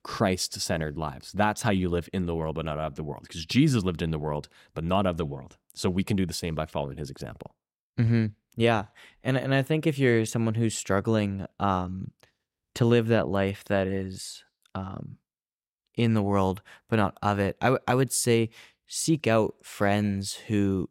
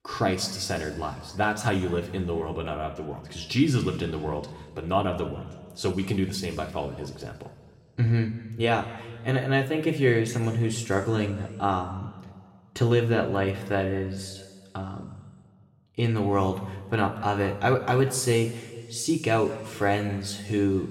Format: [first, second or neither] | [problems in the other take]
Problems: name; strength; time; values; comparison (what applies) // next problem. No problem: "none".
first | room echo; slight; dies away in 1.5 s // off-mic speech; somewhat distant